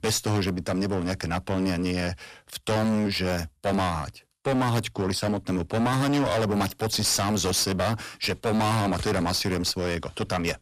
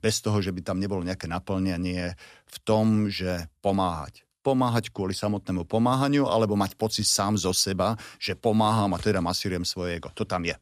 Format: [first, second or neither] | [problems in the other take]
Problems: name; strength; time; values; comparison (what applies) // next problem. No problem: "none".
second | distortion; heavy; 24% of the sound clipped